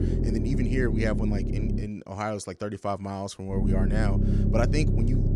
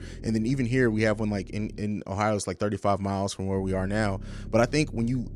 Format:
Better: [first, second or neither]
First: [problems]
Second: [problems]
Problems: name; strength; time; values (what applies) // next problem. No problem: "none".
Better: second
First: low rumble; loud; until 2 s and from 3.5 s on; 3 dB below the speech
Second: low rumble; faint; until 2 s and from 3.5 s on; 25 dB below the speech